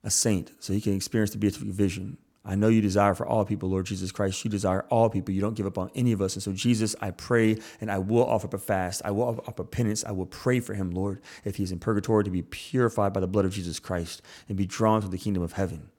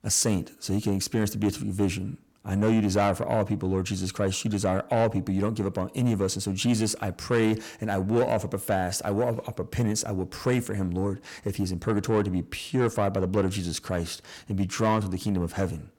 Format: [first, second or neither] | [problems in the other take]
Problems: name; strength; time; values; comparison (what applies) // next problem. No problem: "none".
first | distortion; slight; 10 dB below the speech